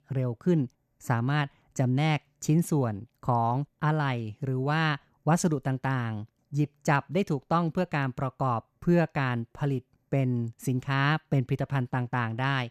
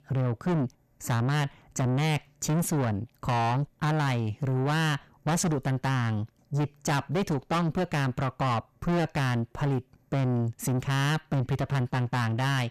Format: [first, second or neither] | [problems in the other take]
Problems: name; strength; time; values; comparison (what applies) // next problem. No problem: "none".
first | distortion; heavy; 6 dB below the speech